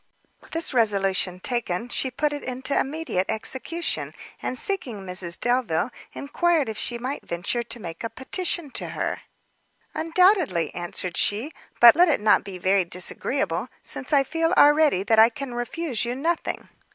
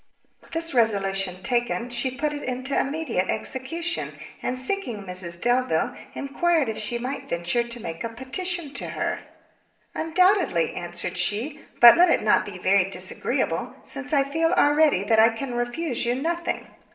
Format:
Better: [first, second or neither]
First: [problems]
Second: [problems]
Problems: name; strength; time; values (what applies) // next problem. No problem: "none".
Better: first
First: none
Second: room echo; dies away in 0.9 s